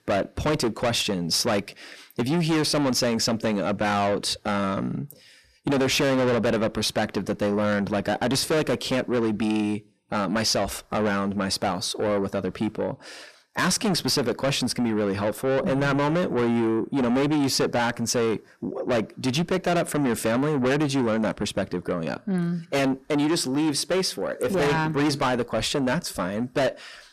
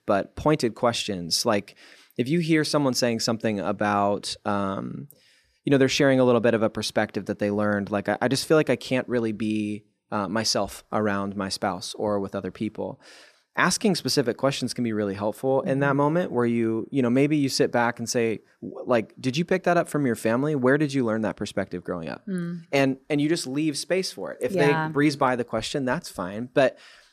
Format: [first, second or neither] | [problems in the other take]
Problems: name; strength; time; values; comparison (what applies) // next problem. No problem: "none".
second | distortion; heavy; 6 dB below the speech